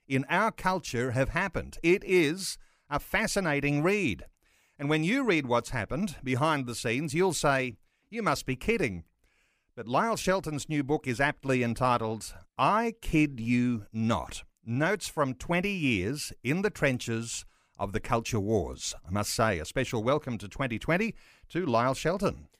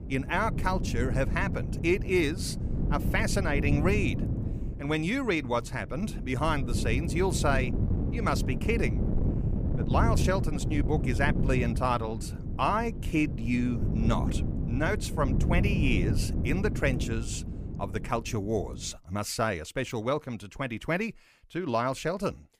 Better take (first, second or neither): first